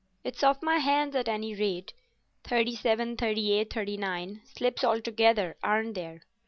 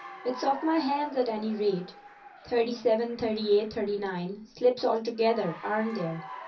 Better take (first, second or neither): first